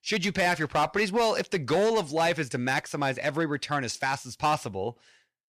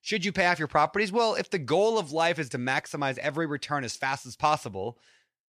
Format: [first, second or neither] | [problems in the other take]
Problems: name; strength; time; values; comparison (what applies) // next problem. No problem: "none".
second | distortion; slight; 6% of the sound clipped